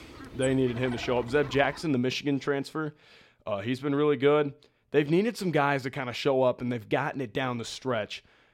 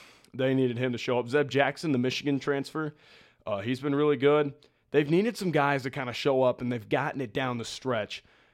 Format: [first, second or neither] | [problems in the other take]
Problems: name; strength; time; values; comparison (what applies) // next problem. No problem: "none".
second | animal sounds; noticeable; until 2 s; 15 dB below the speech